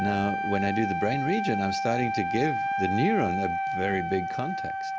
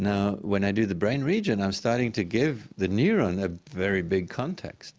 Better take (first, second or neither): second